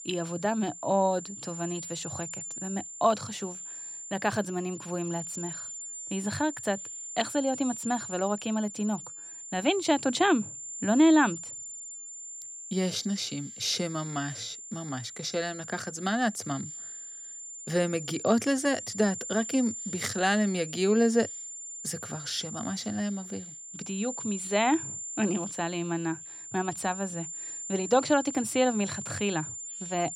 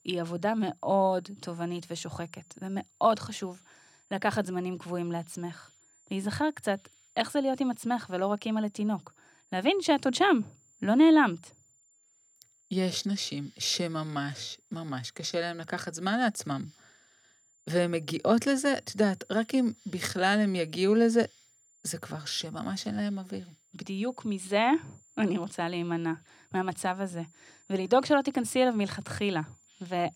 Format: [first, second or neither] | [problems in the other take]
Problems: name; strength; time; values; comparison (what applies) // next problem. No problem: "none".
second | high-pitched whine; loud; throughout; 7 kHz, 8 dB below the speech; faint in the second